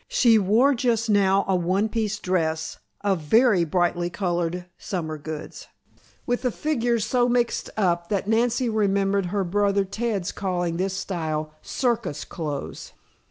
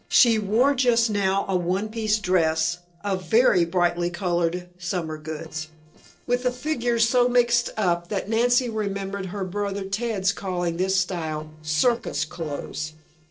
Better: first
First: none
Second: noise reduction (neural separator model SepFormer DNS4)

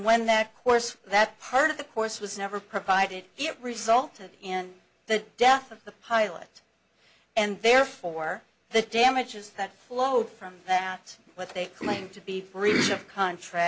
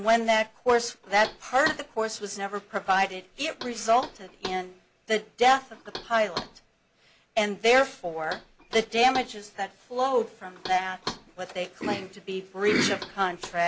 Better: first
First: none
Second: background sound (Knock); 17 dB below the speech

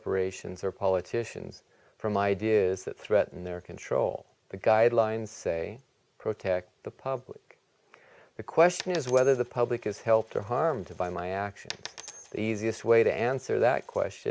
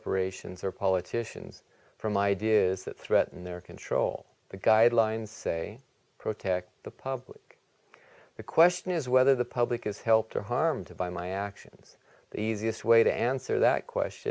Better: second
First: background sound (Coin (dropping)); 19 dB below the speech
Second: none

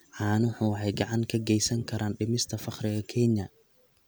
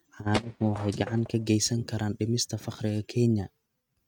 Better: first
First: none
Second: noise reduction (neural mask model RNNoise)

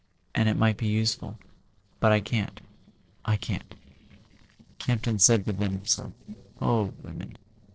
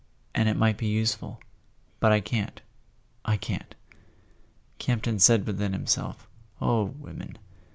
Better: second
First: noise reduction (neural separator model SepFormer DNS4)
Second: none

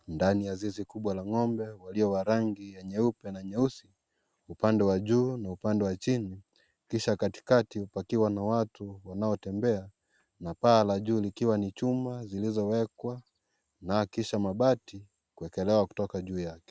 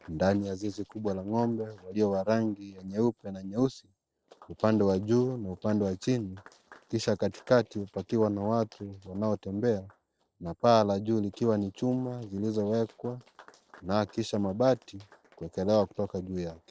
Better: first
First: none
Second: noise reduction (neural separator model SepFormer DNS4)

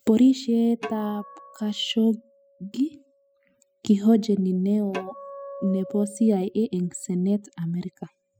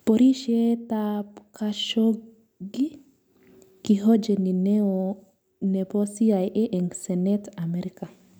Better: second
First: noise reduction (classical method spectral subtraction)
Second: none

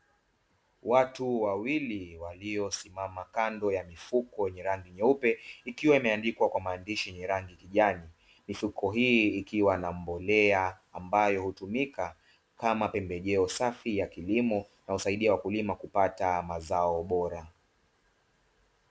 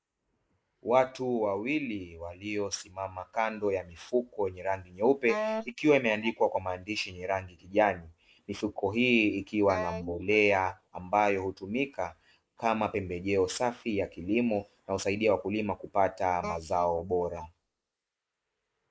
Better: first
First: none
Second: noise reduction (neural mask model Resemble Enhance denoiser)

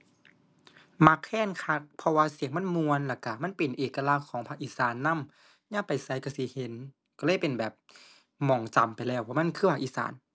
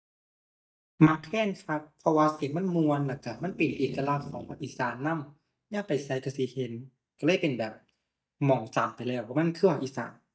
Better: first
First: none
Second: noise reduction (neural mask model DeepFilterNet 3)

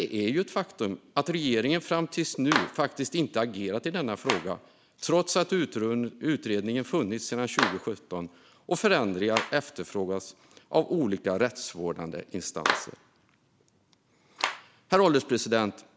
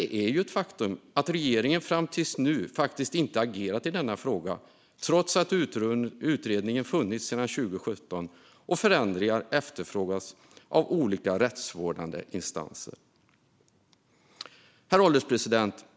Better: second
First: background sound (Clapping); 10 dB below the speech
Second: none

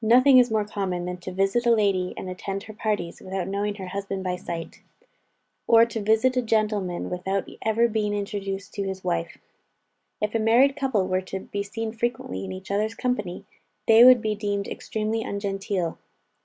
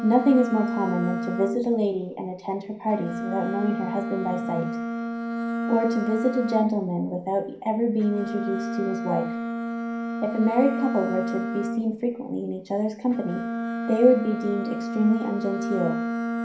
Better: first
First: none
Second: background sound (Bowed string instrument); 4 dB below the speech // room echo; dies away in 0.5 s

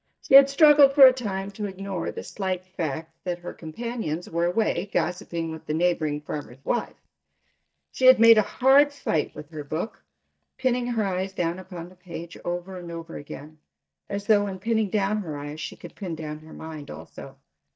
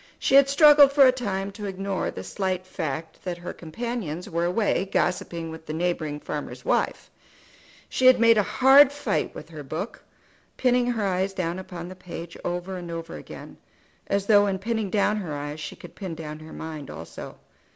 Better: second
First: noise reduction (neural mask model DeepFilterNet 3)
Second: none

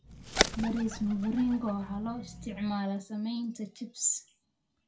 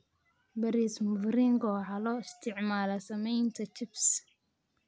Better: second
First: background sound (Bird); 3 dB below the speech // room echo; dies away in 0.2 s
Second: none

